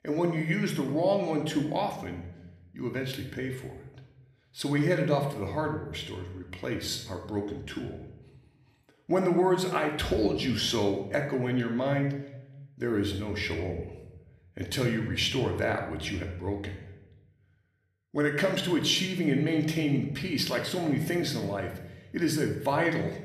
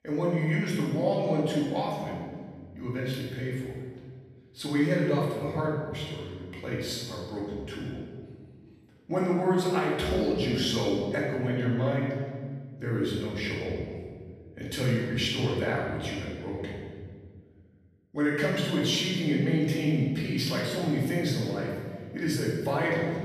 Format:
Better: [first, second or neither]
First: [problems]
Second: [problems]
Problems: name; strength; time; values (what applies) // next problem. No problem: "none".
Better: first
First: room echo; slight; dies away in 0.7 s // off-mic speech; somewhat distant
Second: room echo; strong; dies away in 1.5 s // off-mic speech; far